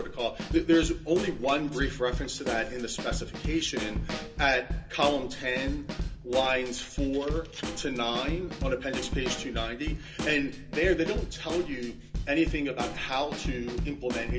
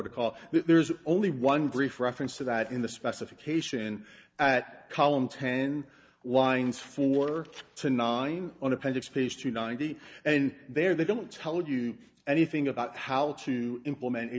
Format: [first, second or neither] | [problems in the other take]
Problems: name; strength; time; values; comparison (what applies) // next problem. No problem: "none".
second | background sound (Snare drum / Drum kit); 5 dB below the speech // room echo; dies away in 0.2 s